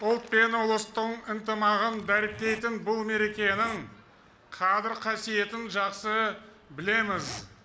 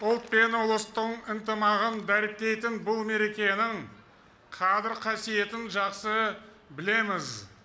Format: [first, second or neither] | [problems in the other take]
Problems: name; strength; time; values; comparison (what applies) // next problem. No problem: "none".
second | background sound (Zipper (clothing)); 19 dB below the speech